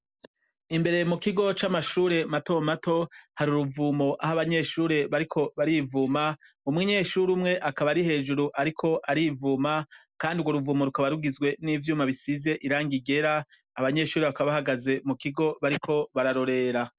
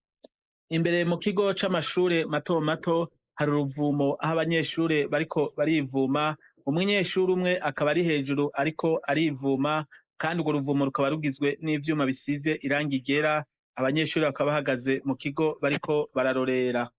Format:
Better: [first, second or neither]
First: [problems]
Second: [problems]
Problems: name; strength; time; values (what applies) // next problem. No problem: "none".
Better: first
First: none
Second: noise reduction (neural mask model Resemble Enhance denoiser)